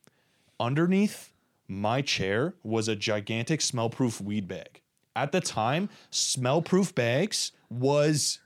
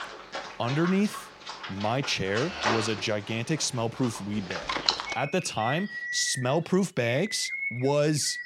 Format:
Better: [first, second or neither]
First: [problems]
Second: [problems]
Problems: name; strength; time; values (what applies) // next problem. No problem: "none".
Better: first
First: none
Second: animal sounds; loud; throughout; 5 dB below the speech